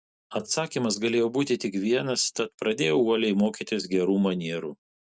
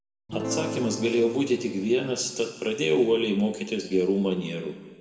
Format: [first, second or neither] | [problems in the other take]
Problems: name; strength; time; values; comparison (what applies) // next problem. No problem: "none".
first | background sound (Acoustic guitar / Strum); 9 dB below the speech // room echo; dies away in 1.5 s